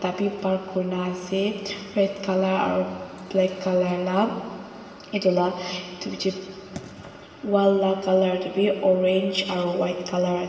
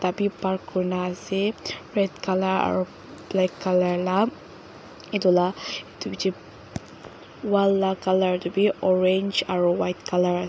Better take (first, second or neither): second